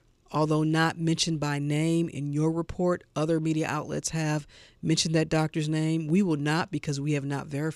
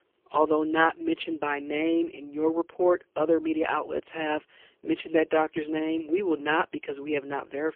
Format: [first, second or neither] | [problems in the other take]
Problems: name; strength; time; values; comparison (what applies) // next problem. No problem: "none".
first | phone-call audio; poor line